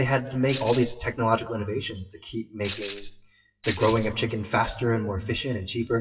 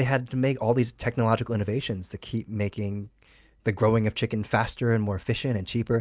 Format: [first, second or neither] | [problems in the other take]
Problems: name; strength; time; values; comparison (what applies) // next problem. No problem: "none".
second | noise reduction (classical method WPE with log-MMSE)